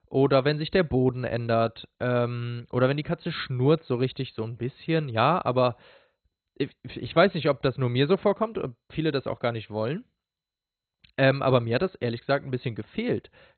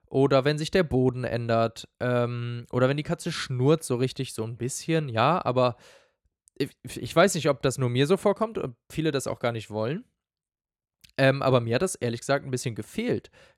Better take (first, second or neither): second